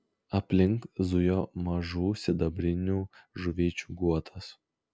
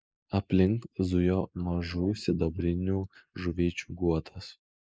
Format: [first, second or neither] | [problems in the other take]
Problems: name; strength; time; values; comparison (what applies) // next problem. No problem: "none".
first | noise reduction (neural mask model Resemble Enhance denoiser)